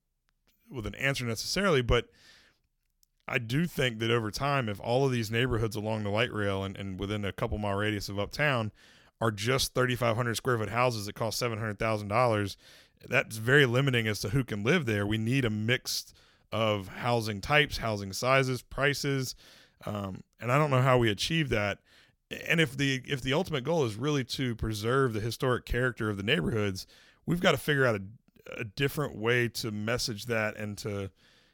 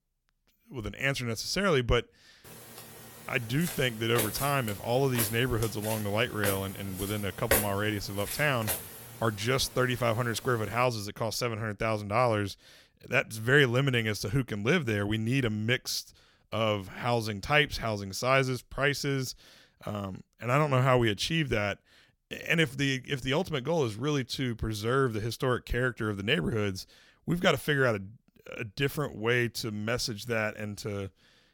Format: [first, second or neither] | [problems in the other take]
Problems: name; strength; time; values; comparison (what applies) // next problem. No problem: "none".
first | footsteps; loud; from 3.5 to 9 s; peak 2 dB above the speech